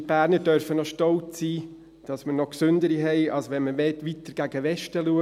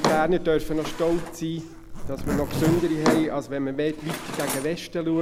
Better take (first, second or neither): first